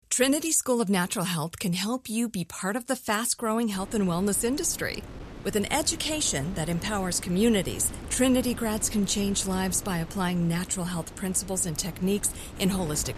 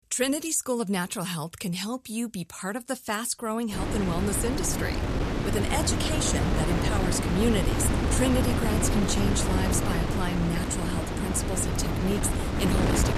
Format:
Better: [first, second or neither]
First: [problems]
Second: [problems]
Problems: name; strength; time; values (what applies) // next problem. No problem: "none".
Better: first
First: wind noise on the microphone; occasional gusts; from 3.5 s on; 15 dB below the speech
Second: wind noise on the microphone; heavy; from 3.5 s on; as loud as the speech